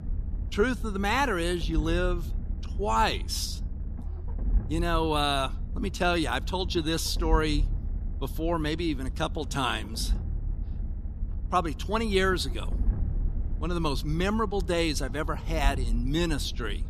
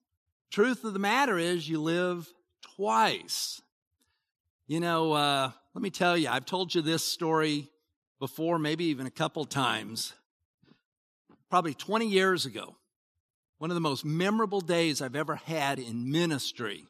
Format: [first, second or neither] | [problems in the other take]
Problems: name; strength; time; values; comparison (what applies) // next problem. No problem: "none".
second | low rumble; faint; throughout; 20 dB below the speech